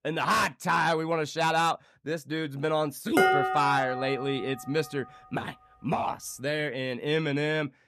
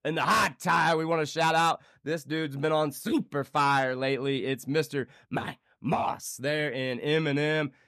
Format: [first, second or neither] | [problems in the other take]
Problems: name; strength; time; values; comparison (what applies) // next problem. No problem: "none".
second | clattering dishes; loud; at 3 s; peak 6 dB above the speech